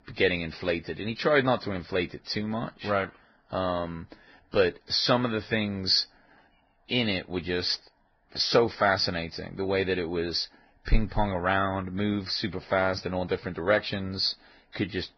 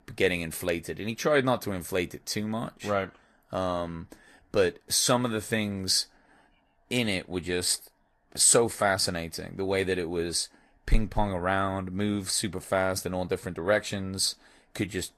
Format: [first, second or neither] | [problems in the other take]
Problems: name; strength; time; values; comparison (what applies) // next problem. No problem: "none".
second | garbled, watery; badly; nothing above 5 kHz; slightly in the second